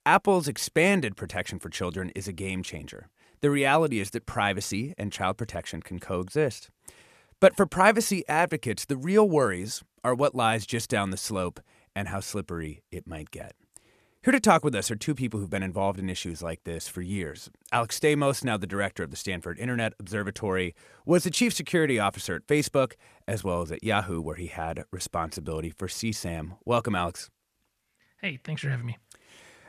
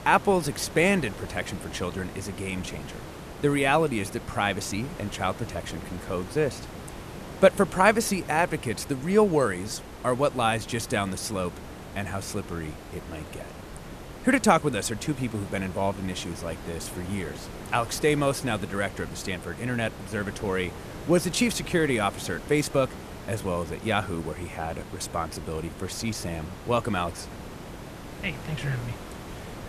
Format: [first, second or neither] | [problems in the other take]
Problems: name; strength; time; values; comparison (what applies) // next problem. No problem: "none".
first | hiss; noticeable; throughout; 15 dB below the speech